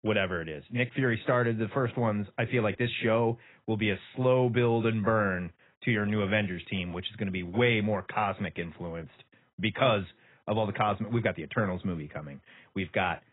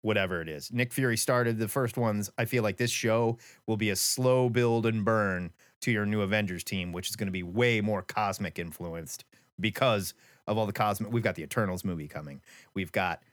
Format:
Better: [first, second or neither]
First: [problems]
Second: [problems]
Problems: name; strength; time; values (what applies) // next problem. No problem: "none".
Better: second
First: garbled, watery; badly; nothing above 4 kHz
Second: none